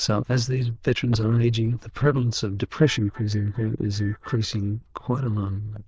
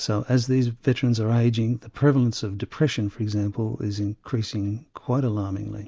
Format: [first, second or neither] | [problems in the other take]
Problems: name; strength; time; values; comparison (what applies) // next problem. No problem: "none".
second | noise reduction (neural diffusion model UNIVERSE++)